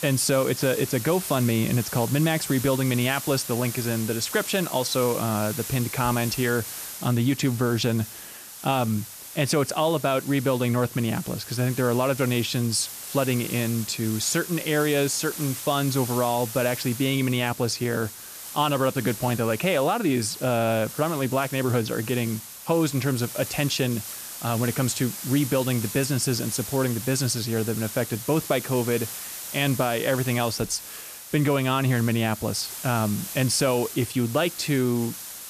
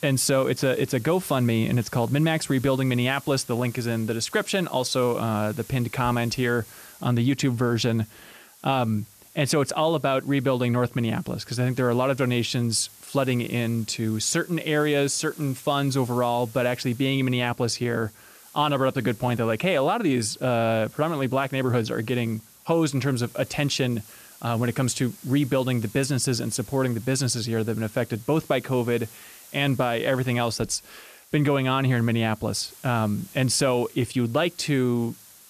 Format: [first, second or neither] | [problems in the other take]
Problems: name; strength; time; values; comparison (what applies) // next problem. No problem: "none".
second | hiss; loud; throughout; 9 dB below the speech; faint in the second